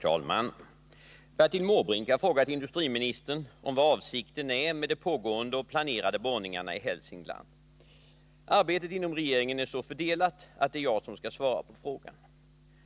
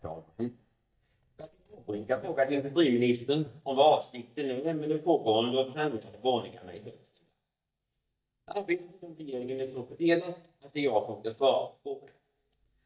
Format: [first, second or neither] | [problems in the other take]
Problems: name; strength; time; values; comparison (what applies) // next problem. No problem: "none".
first | noise reduction (neural mask model DeepFilterNet 3)